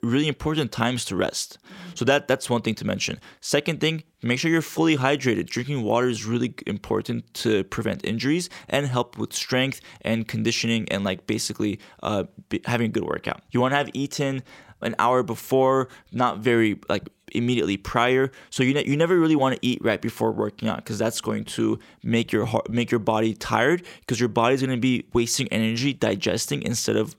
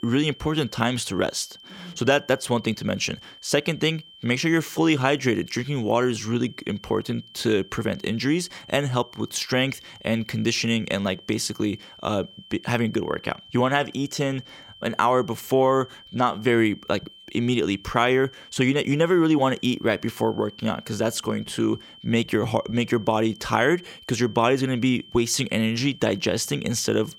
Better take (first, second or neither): first